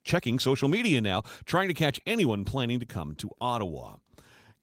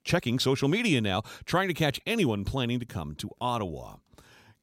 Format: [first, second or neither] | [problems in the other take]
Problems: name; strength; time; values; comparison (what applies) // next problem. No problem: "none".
second | garbled, watery; slightly; nothing above 16 kHz